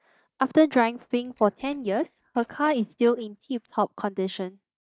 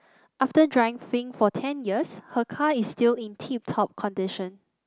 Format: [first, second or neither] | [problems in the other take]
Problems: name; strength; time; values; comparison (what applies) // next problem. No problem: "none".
second | noise reduction (neural mask model DeepFilterNet 3)